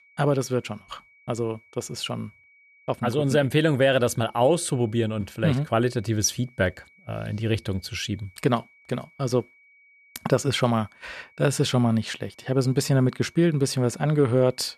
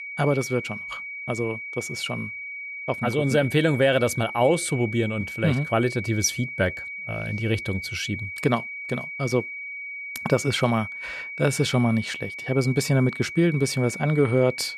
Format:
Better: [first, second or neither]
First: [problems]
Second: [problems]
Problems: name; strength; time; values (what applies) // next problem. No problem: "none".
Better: first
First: high-pitched whine; faint; throughout; 2.5 kHz, 30 dB below the speech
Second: high-pitched whine; loud; throughout; 2.5 kHz, 8 dB below the speech